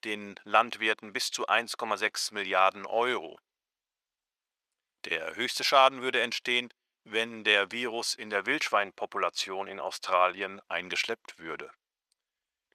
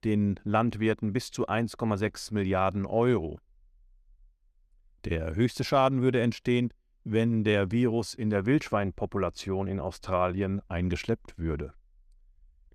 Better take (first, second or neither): second